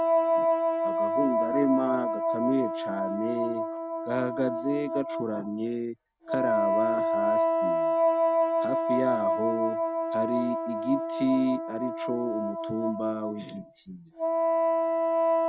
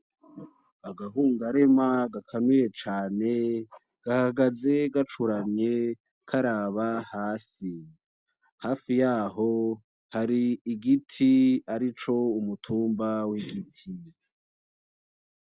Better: second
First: background sound (Wind instrument, woodwind instrument); 4 dB above the speech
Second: none

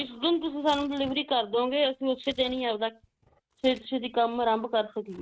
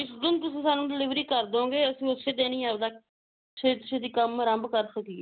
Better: second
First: noise reduction (neural mask model RNNoise)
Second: none

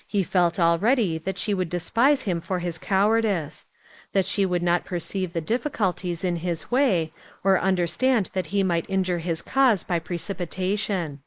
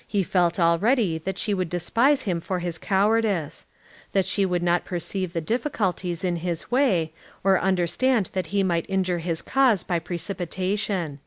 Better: second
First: noise reduction (neural mask model Resemble Enhance denoiser)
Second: none

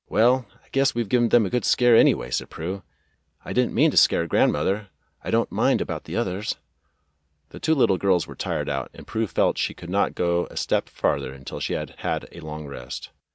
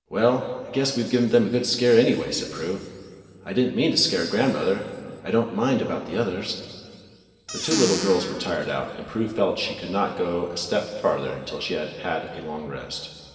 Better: first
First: none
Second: background sound (Squeak / Cupboard open or close); 5 dB below the speech // room echo; dies away in 2.2 s

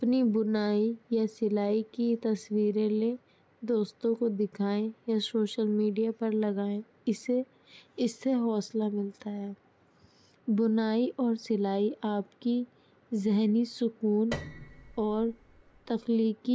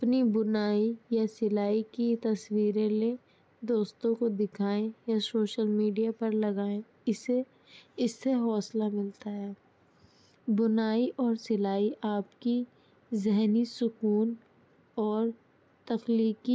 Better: second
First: background sound (Piano); 14 dB below the speech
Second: none

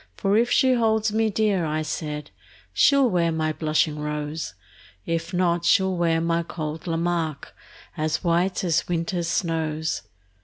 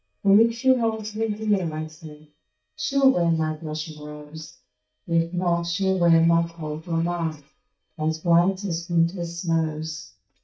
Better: first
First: none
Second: noise reduction (neural mask model DeepFilterNet 3)

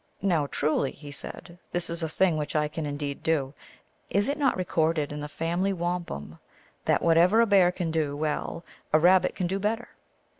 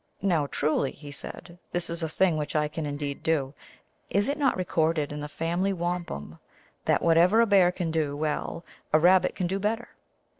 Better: first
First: none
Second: noise reduction (neural separator model SepFormer DNS4)

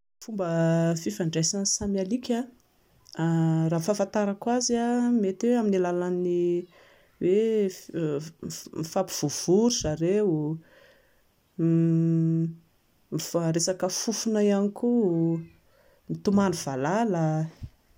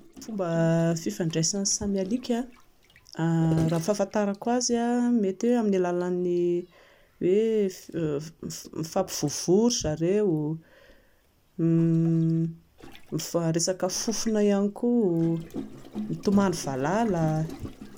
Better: first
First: none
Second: background sound (Gurgling); 18 dB below the speech

